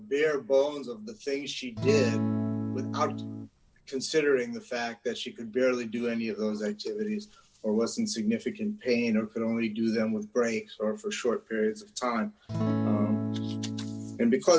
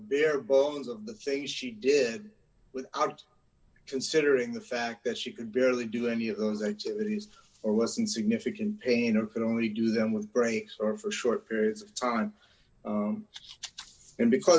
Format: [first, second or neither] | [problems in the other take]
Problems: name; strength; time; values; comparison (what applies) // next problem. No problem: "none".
second | background sound (Acoustic guitar / Strum); 1 dB below the speech